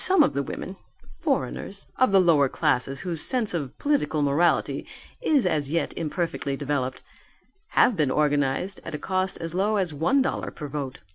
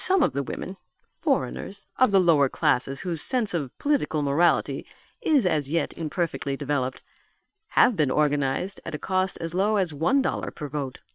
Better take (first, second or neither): first